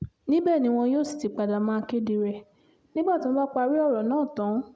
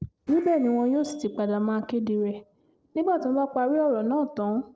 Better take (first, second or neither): first